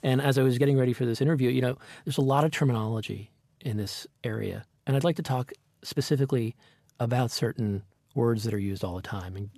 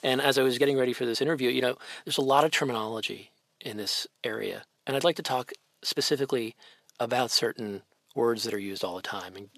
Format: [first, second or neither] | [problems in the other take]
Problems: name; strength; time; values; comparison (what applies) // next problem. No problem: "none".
first | thin; somewhat; fading below 400 Hz